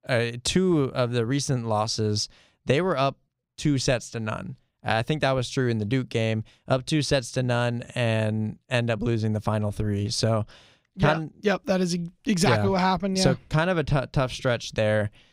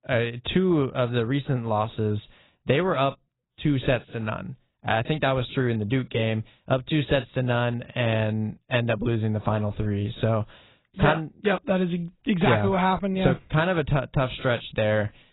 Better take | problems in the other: first | garbled, watery; badly; nothing above 4 kHz

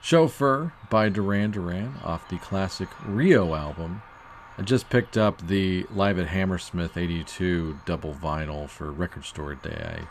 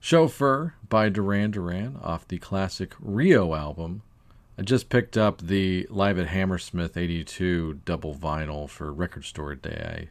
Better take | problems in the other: second | animal sounds; faint; throughout; 20 dB below the speech

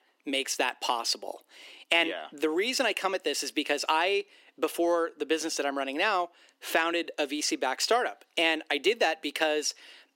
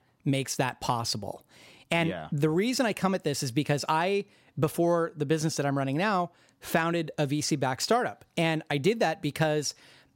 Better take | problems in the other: second | thin; somewhat; fading below 300 Hz

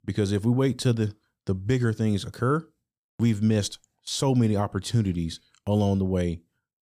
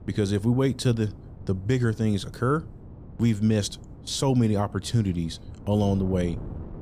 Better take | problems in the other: first | wind noise on the microphone; occasional gusts; 20 dB below the speech

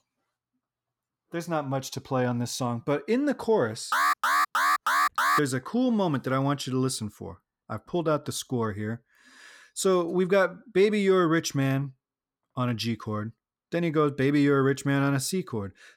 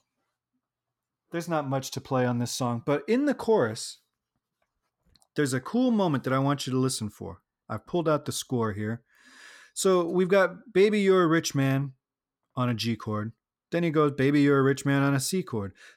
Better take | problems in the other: second | alarm; loud; from 4 to 5.5 s; peak 4 dB above the speech

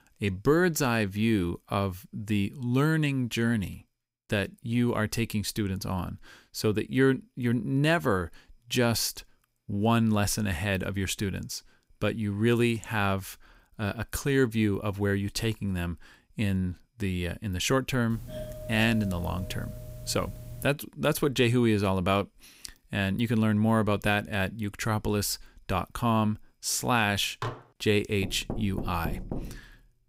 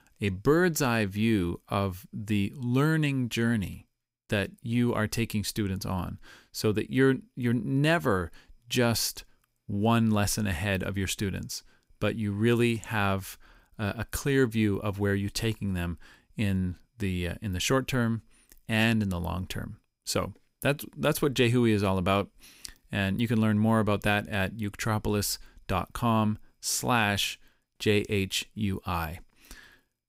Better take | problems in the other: second | doorbell; faint; from 18 to 21 s; peak 10 dB below the speech // clattering dishes; noticeable; at 27 s; peak 9 dB below the speech // door banging; noticeable; from 28 to 30 s; peak 9 dB below the speech

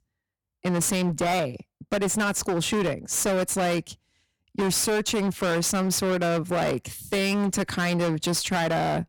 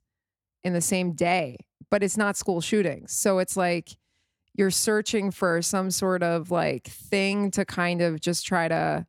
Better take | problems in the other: second | distortion; heavy; 28% of the sound clipped

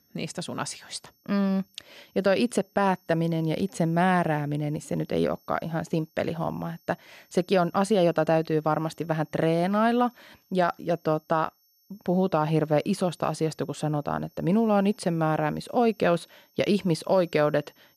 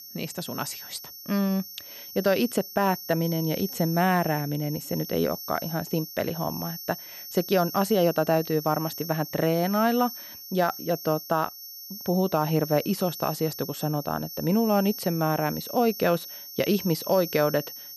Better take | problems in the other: first | high-pitched whine; loud; throughout; 12 kHz, 10 dB below the speech; faint in the first

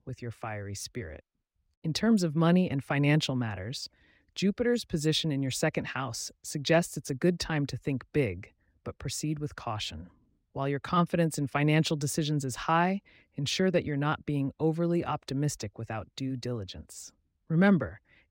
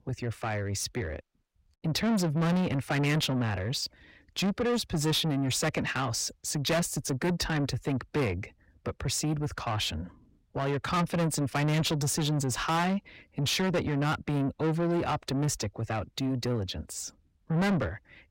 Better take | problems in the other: first | distortion; heavy; 6 dB below the speech

